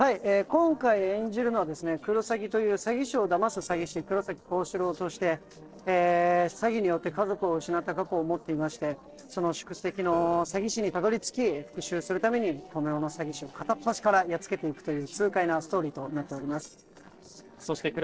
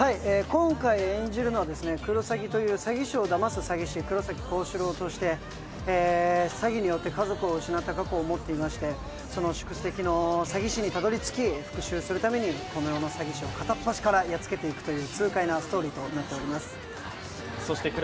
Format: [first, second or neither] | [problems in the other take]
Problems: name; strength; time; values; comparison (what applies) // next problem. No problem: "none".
second | noise reduction (neural separator model SepFormer DNS4)